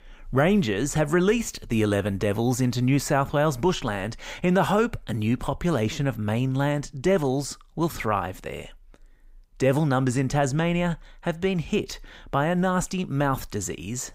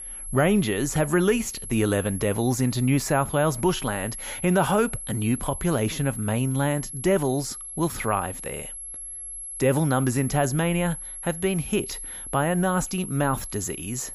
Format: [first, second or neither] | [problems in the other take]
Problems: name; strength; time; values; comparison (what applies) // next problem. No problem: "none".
first | high-pitched whine; loud; throughout; 11 kHz, 9 dB below the speech